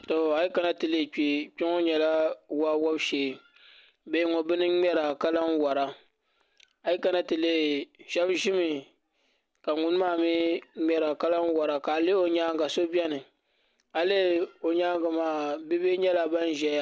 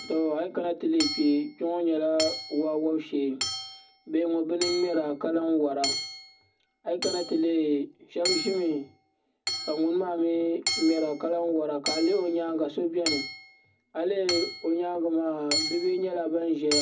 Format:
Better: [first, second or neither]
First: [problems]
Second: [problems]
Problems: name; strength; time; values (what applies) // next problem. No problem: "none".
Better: first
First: none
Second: background sound (Hammer / Chink, clink); 8 dB below the speech // room echo; dies away in 0.4 s